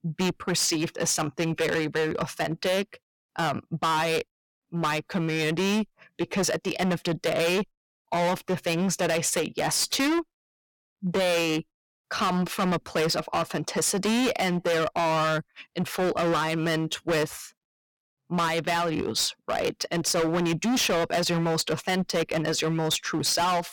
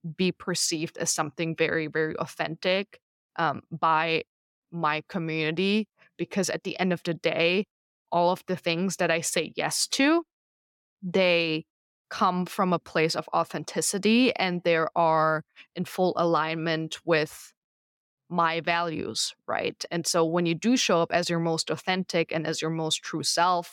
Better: second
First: distortion; heavy; 20% of the sound clipped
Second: none

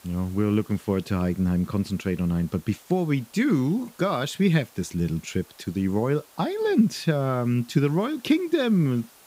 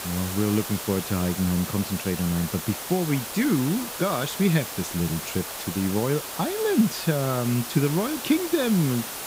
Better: first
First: hiss; faint; throughout; 25 dB below the speech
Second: hiss; loud; throughout; 7 dB below the speech

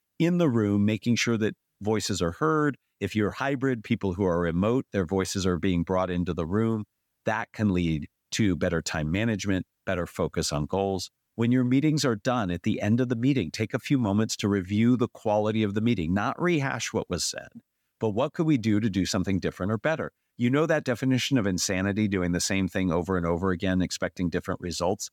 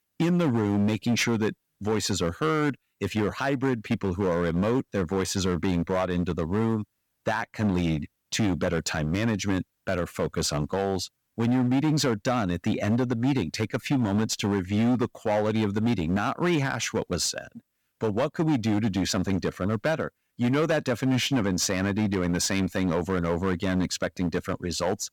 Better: first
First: none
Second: distortion; slight; 11% of the sound clipped

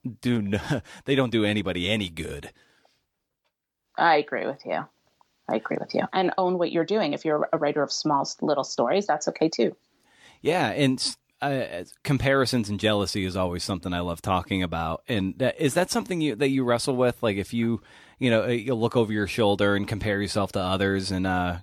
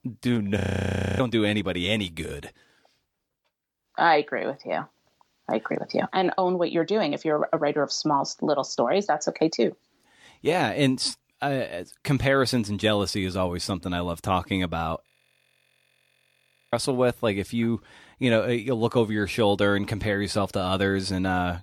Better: first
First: none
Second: audio freezing; at 0.5 s for 0.5 s and at 15 s for 1.5 s

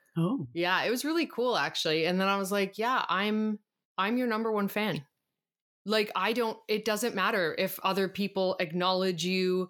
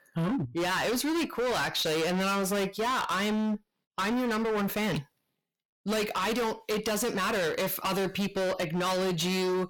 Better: first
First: none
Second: distortion; heavy; 35% of the sound clipped

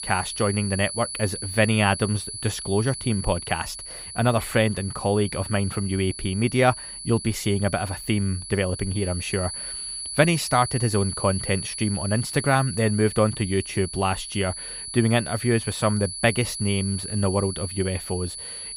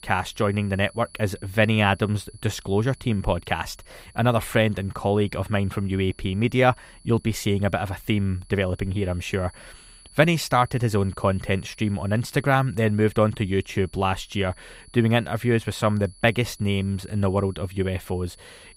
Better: second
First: high-pitched whine; loud; throughout; 10 kHz, 8 dB below the speech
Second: high-pitched whine; faint; throughout; 10 kHz, 25 dB below the speech

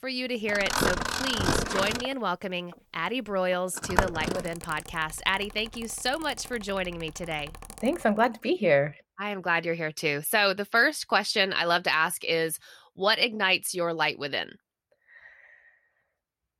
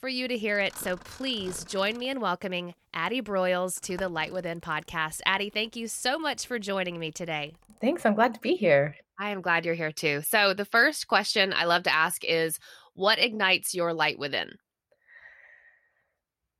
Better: second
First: machinery noise; loud; until 8 s; 2 dB below the speech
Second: machinery noise; faint; until 8 s; 20 dB below the speech

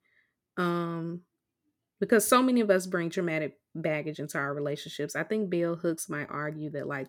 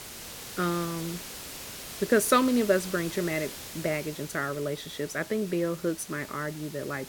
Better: first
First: none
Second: hiss; noticeable; throughout; 10 dB below the speech

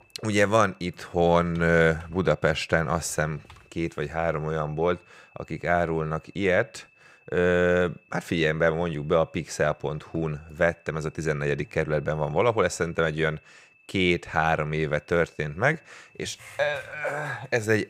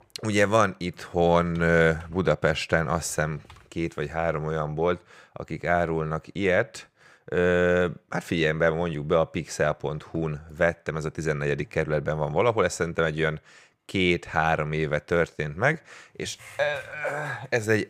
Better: second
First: high-pitched whine; faint; throughout; 2.5 kHz, 30 dB below the speech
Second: none

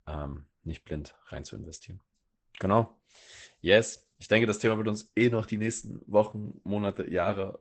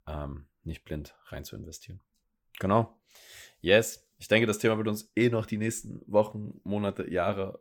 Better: second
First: garbled, watery; badly; nothing above 8 kHz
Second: none

